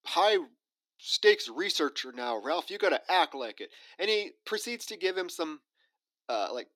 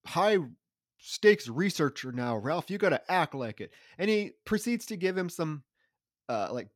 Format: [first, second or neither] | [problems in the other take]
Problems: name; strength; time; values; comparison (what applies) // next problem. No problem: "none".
second | thin; somewhat; fading below 300 Hz